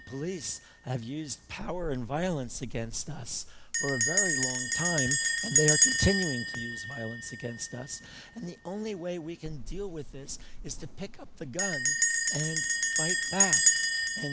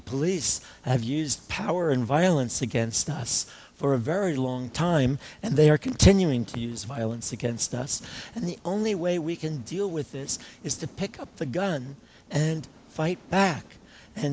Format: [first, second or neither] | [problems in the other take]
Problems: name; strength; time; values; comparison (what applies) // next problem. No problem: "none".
second | background sound (Bell); 4 dB above the speech